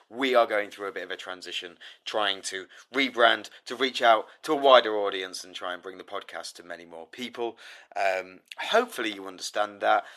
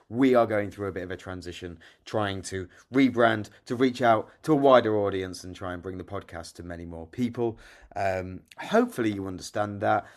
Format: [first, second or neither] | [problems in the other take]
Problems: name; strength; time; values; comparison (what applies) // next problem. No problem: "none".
second | thin; somewhat; fading below 550 Hz